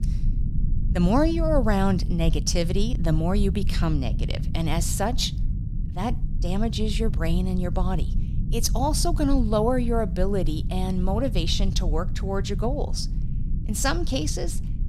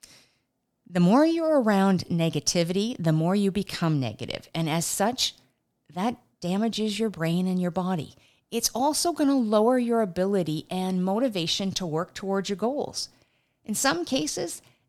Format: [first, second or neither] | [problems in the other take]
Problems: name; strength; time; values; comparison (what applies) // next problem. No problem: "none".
second | low rumble; noticeable; throughout; 15 dB below the speech